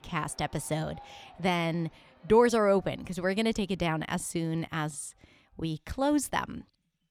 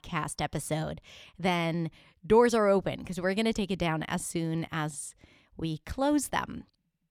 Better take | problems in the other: second | background music; faint; throughout; 25 dB below the speech

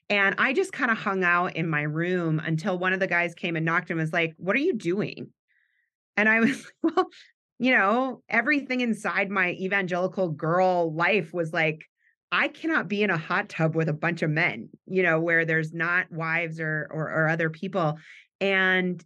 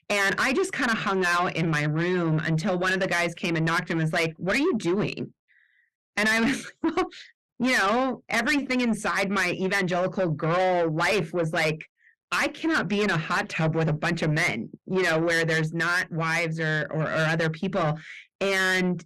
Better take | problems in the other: first | distortion; heavy; 7 dB below the speech

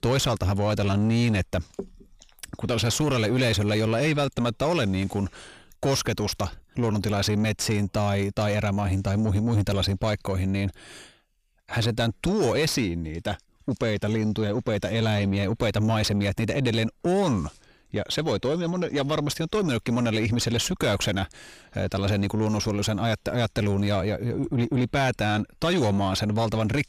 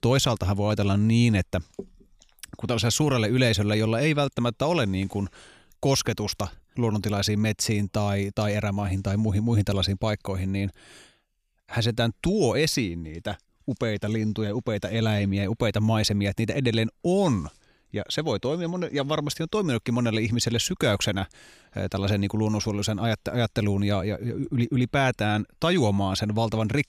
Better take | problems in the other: second | distortion; slight; 9 dB below the speech

